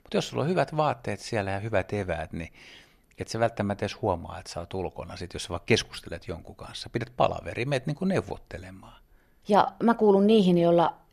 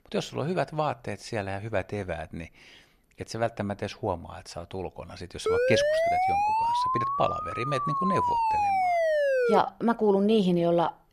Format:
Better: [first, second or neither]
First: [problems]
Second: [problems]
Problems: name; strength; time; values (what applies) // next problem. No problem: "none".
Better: first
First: none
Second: siren; loud; from 5.5 to 9.5 s; peak 5 dB above the speech